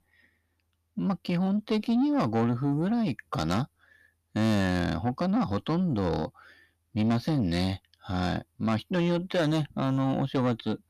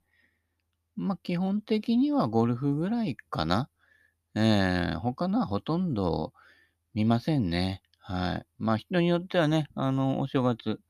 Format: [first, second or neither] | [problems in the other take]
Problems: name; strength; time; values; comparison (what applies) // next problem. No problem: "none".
second | distortion; slight; 10 dB below the speech